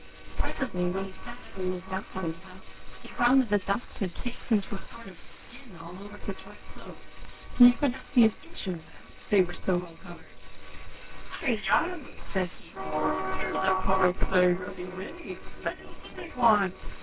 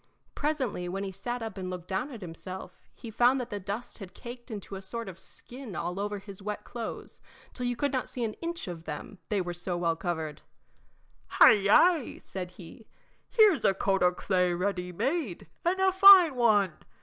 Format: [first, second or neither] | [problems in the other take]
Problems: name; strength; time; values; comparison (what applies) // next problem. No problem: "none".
second | noise reduction (neural separator model SepFormer WHAMR!)